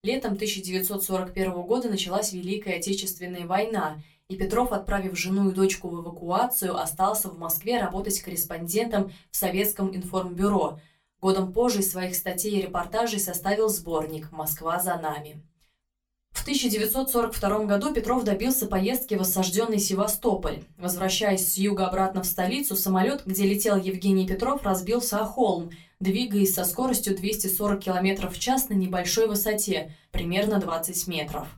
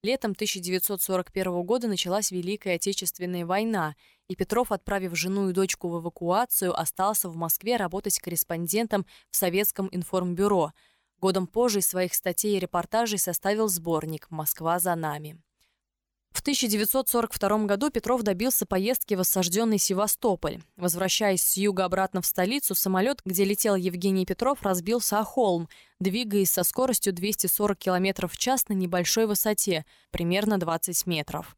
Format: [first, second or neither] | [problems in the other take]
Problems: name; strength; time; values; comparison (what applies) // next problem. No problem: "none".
second | off-mic speech; far // room echo; very slight; dies away in 0.2 s